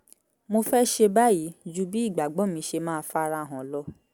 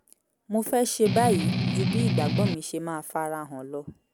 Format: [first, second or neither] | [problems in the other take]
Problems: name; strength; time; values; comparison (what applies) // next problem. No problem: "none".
first | background sound (Strum); 3 dB above the speech